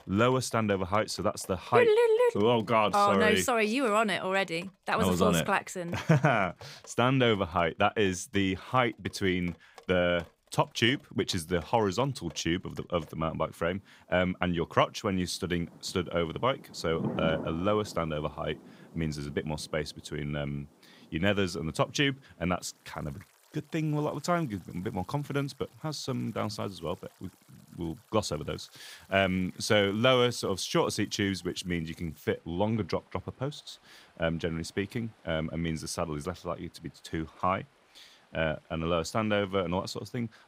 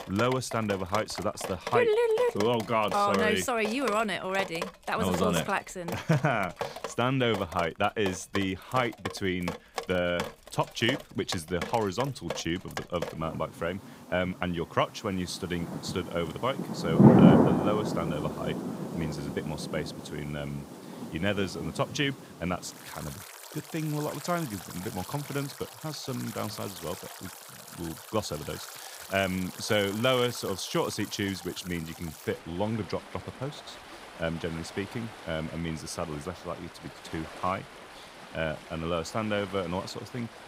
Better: first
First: rain or running water; faint; throughout; 20 dB below the speech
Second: rain or running water; loud; throughout; 2 dB below the speech

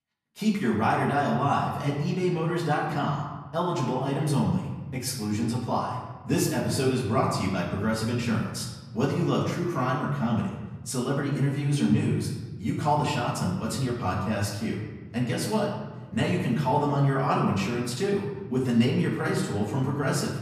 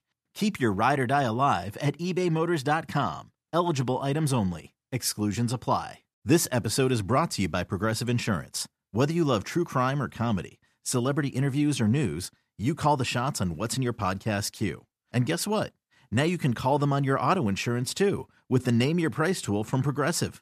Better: second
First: off-mic speech; far // room echo; noticeable; dies away in 1.1 s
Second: none

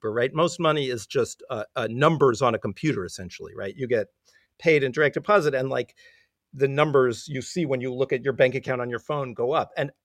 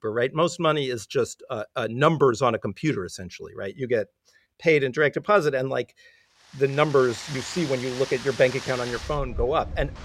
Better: first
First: none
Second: rain or running water; noticeable; from 7 s on; 10 dB below the speech

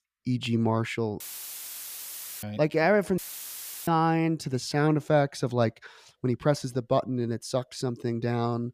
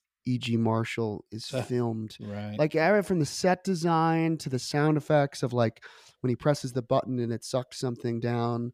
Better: second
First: audio cutting out; filled with static; at 1 s for 1 s and at 3 s for 0.5 s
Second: none

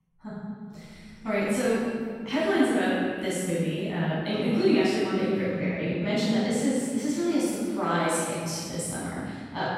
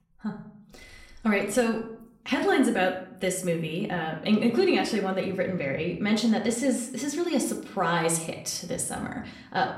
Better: second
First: room echo; strong; dies away in 2.2 s // off-mic speech; far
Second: room echo; slight; dies away in 0.5 s // off-mic speech; far

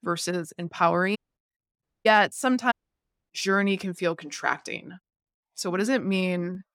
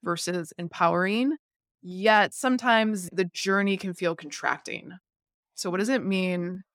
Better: second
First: audio cutting out; at 1 s, at 2 s and at 2.5 s for 0.5 s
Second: none

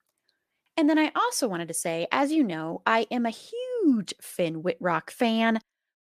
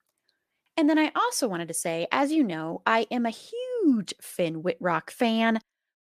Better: neither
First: none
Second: none

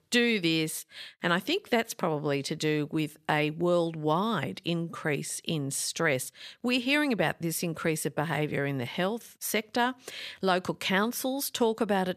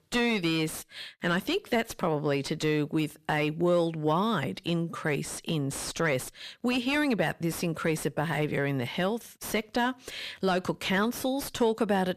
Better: first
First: none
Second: distortion; slight; 10 dB below the speech

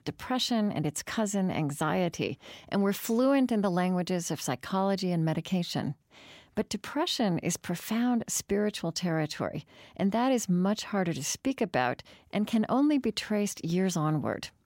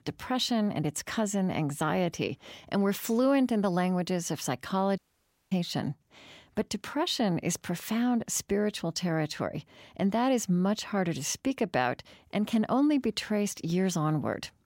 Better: first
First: none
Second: audio cutting out; at 5 s for 0.5 s

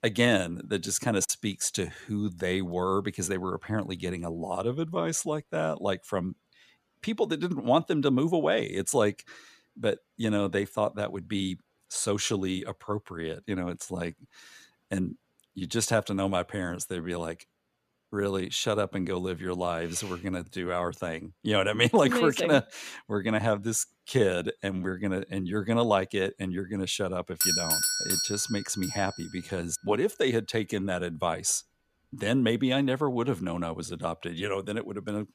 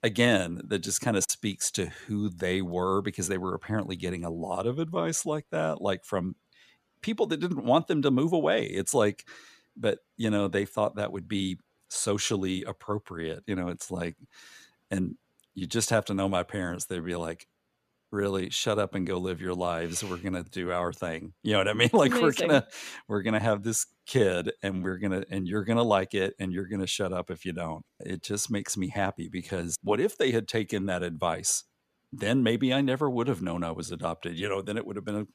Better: second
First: doorbell; loud; from 27 to 29 s; peak 5 dB above the speech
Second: none

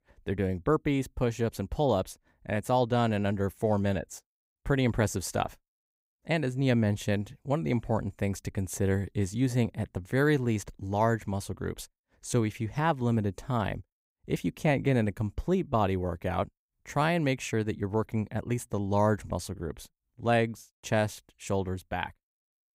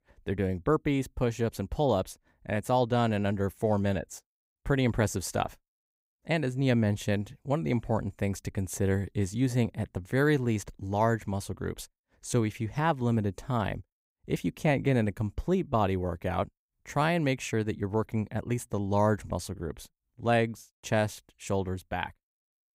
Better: neither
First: none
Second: none

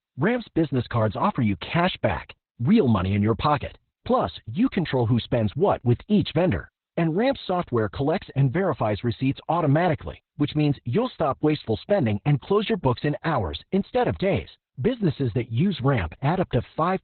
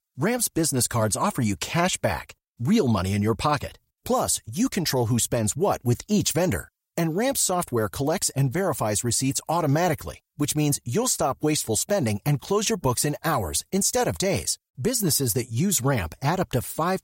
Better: second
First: garbled, watery; badly; nothing above 4 kHz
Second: none

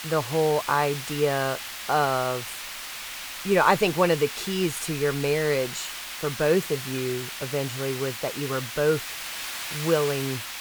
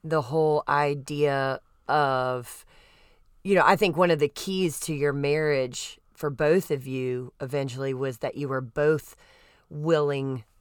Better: second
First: hiss; loud; throughout; 7 dB below the speech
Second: none

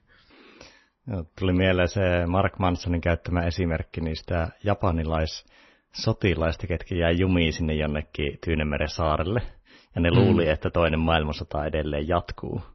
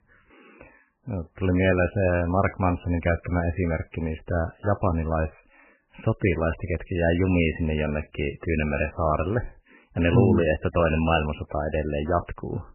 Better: first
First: garbled, watery; slightly; nothing above 6 kHz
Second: garbled, watery; badly; nothing above 3 kHz

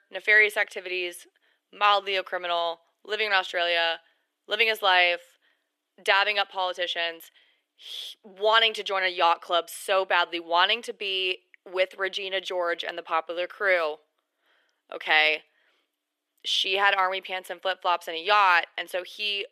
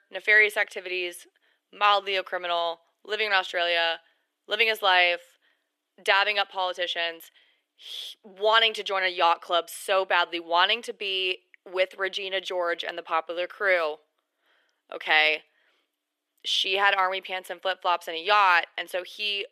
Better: neither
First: thin; very; fading below 400 Hz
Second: thin; very; fading below 400 Hz

